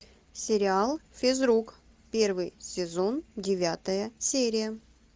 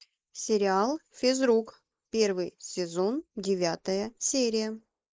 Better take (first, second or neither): first